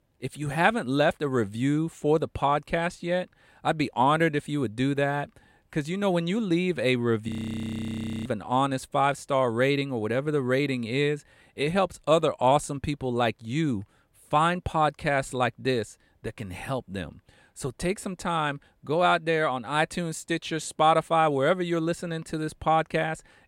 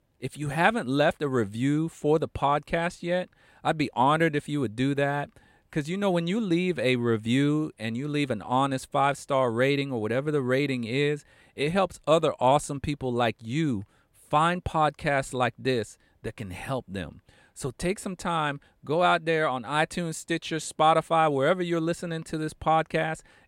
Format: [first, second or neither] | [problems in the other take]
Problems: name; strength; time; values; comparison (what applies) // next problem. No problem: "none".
second | audio freezing; at 7.5 s for 1 s